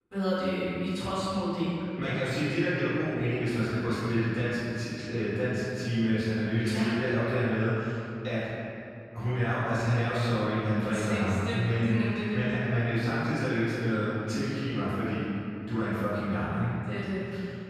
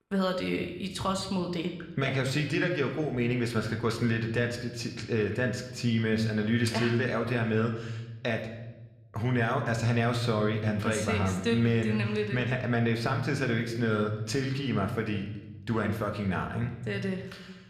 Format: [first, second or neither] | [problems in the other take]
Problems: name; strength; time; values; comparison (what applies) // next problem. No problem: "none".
second | room echo; strong; dies away in 2.5 s; slight in the second // off-mic speech; far